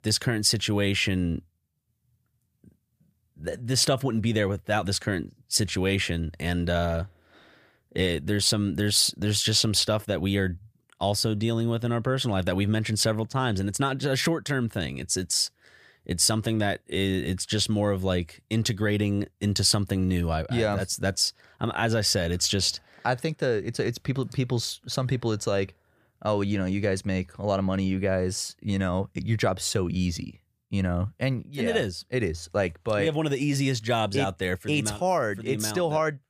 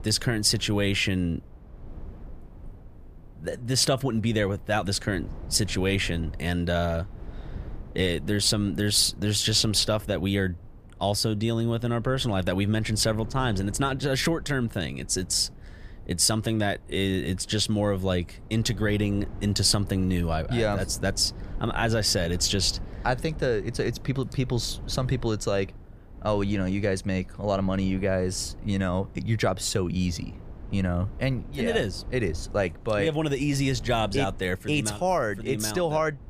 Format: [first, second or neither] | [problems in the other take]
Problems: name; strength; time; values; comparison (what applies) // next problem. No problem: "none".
first | low rumble; faint; throughout; 25 dB below the speech